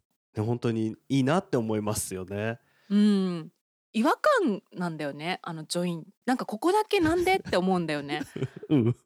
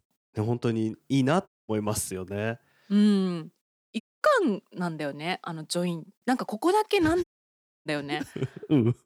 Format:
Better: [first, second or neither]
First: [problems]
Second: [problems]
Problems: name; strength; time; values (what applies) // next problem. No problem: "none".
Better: first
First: none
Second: audio cutting out; at 1.5 s, at 4 s and at 7 s for 0.5 s